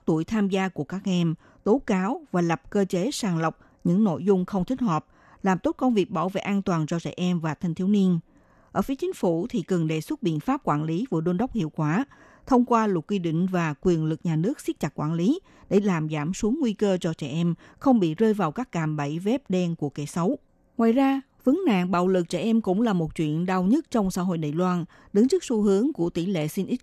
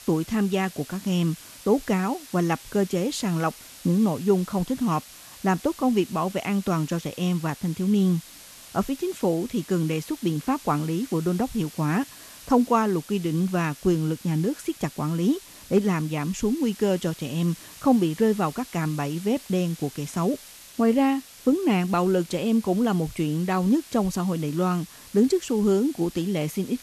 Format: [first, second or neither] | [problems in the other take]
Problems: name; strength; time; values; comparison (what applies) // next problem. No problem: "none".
first | hiss; noticeable; throughout; 20 dB below the speech